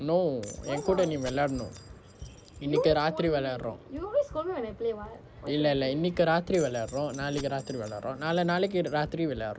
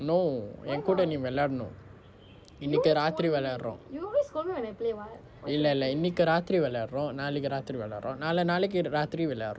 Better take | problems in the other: second | background sound (Run + Keys jangling); 19 dB below the speech

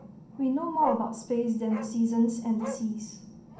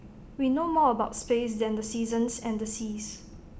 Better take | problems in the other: second | background sound (Bark); 12 dB below the speech // room echo; dies away in 0.6 s

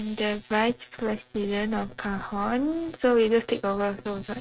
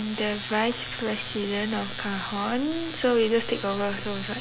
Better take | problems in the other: second | noise reduction (neural mask model RNNoise)

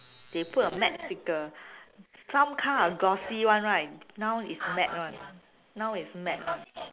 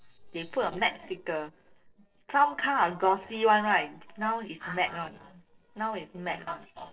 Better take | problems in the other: first | noise reduction (neural separator model SepFormer DNS4)

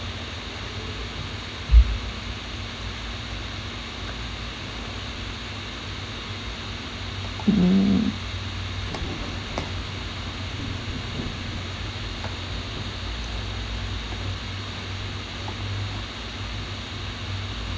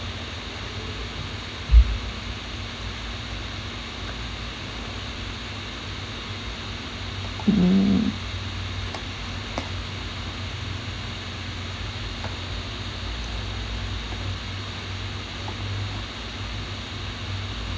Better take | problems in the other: second | background sound (Thunder); 17 dB below the speech

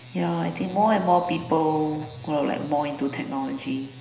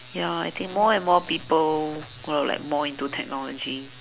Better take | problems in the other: second | room echo; dies away in 0.9 s

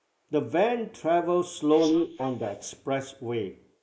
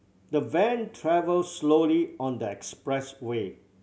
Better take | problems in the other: second | noise reduction (neural mask model Resemble Enhance denoiser)

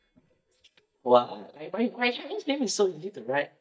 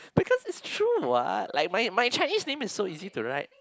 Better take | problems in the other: second | noise reduction (neural mask model DeepFilterNet 3)

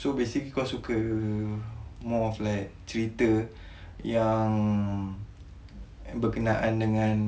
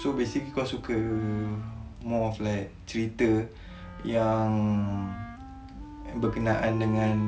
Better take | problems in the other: first | background sound (Wind instrument, woodwind instrument); 16 dB below the speech

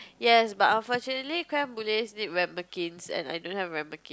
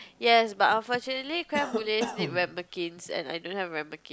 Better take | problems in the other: first | background sound (Cough); 8 dB below the speech

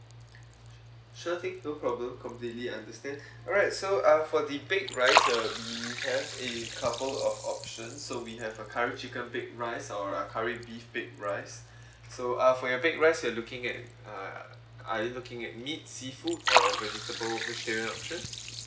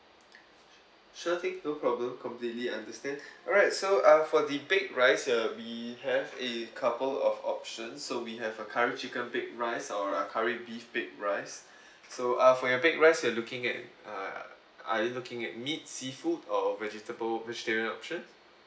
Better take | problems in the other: second | background sound (Liquid); 4 dB below the speech

